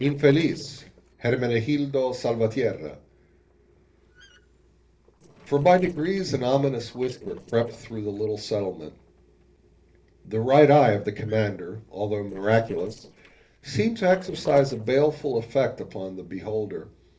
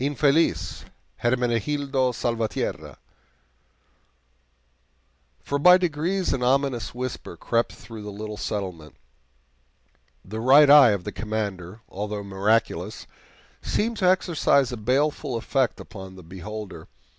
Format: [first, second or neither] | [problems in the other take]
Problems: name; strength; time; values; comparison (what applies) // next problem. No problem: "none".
second | noise reduction (neural separator model SepFormer DNS4)